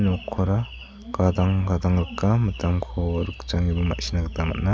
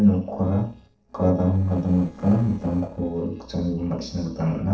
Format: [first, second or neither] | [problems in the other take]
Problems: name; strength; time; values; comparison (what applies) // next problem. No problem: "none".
first | noise reduction (neural separator model SepFormer DNS4)